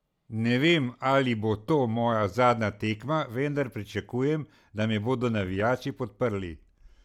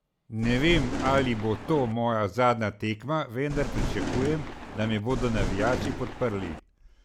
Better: first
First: none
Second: background sound (Thunder); 4 dB below the speech

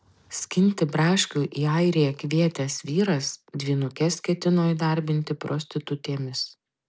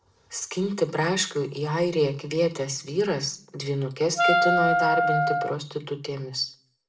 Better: first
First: none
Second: background sound (Wind instrument, woodwind instrument); 4 dB above the speech // room echo; dies away in 0.3 s

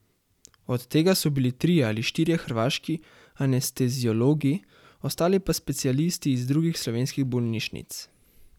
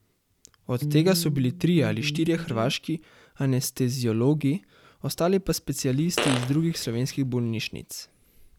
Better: first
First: none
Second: background sound (Fart + Electric guitar); 5 dB below the speech

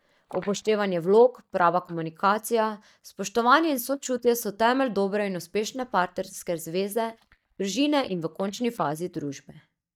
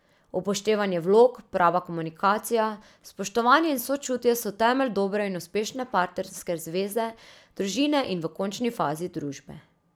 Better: second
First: noise reduction (neural mask model DeepFilterNet 3)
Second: none

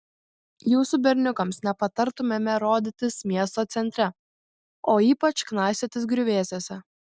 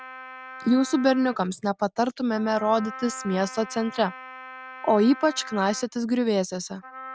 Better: first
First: none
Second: background sound (Wind instrument, woodwind instrument); 16 dB below the speech

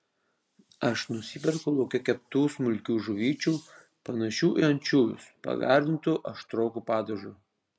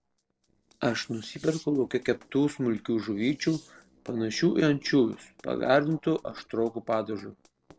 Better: first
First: none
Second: noise reduction (neural separator model SepFormer DNS4)

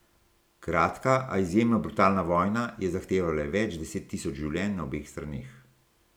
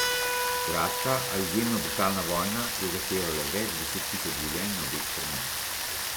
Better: first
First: none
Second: background sound (Rain + Keyboard (musical)); 2 dB above the speech

